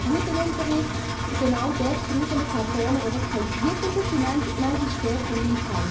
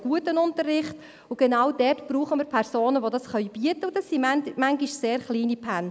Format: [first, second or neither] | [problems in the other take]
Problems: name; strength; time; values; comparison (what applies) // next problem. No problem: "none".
second | background sound (Engine); 1 dB below the speech // room echo; dies away in 0.4 s